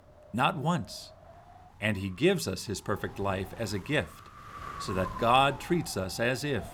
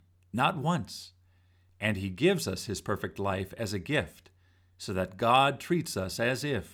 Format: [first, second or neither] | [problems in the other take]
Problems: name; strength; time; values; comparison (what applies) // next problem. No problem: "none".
second | wind noise on the microphone; occasional gusts; 15 dB below the speech